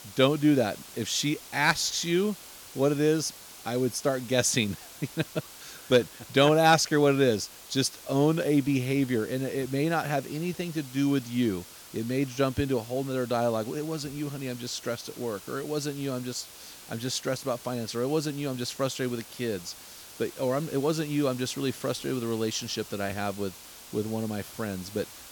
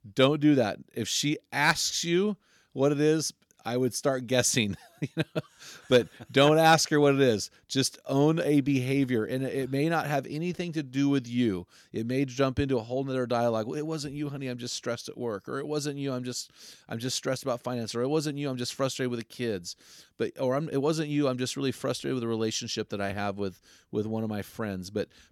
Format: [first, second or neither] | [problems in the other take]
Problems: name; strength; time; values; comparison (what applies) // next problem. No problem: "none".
second | hiss; noticeable; throughout; 15 dB below the speech